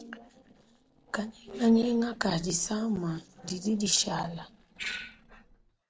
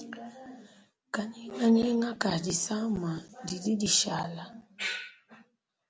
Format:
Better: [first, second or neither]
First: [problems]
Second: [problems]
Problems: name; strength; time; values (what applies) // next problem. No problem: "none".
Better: second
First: noise reduction (neural separator model SepFormer DNS4)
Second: none